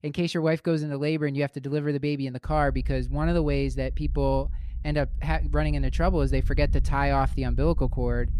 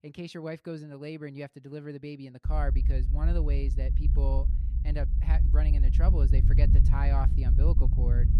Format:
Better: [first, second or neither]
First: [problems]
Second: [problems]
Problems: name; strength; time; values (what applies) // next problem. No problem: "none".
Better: first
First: low rumble; faint; from 2.5 s on; 20 dB below the speech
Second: low rumble; loud; from 2.5 s on; 5 dB below the speech